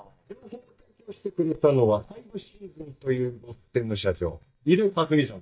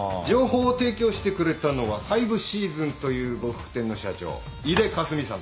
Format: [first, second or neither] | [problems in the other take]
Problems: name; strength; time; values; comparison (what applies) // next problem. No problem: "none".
second | noise reduction (neural mask model DeepFilterNet 3)